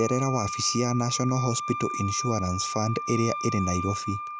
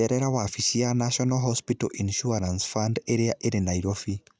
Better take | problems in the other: second | background sound (Wind instrument, woodwind instrument); 6 dB below the speech

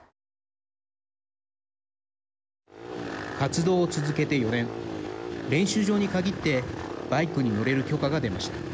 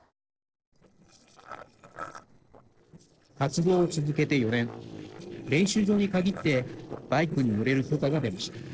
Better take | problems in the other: first | noise reduction (neural separator model SepFormer DNS4)

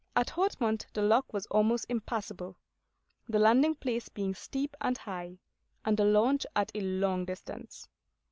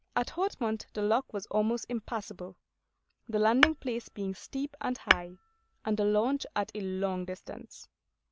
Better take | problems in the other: first | background sound (Tap / Hammer); as loud as the speech

